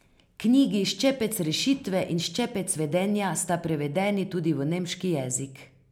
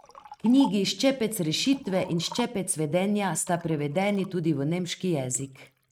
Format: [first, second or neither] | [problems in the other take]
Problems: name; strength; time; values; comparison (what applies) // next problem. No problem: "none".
first | noise reduction (neural mask model RNNoise)